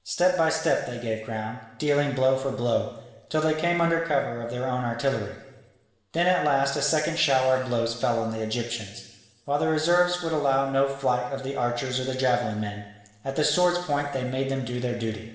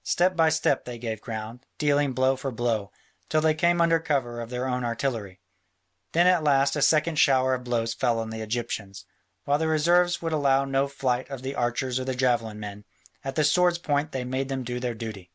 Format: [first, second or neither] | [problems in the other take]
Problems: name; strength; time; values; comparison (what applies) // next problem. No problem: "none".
second | room echo; dies away in 1.3 s